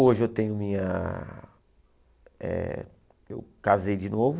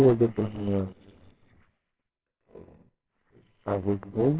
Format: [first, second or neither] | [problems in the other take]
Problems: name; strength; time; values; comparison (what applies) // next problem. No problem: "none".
first | noise reduction (neural separator model SepFormer WHAMR!)